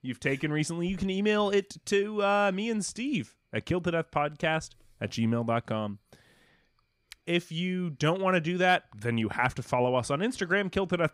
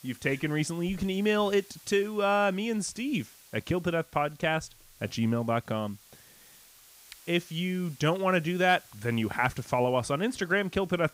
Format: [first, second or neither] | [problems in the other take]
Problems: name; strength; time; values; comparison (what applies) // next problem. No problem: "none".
first | hiss; faint; throughout; 25 dB below the speech